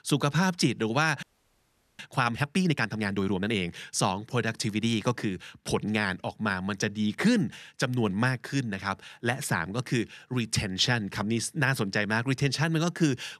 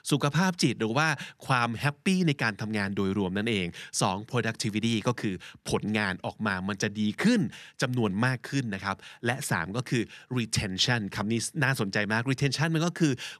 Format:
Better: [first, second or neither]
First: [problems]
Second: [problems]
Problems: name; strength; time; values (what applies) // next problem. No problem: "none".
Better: second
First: audio freezing; at 1 s for 1 s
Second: none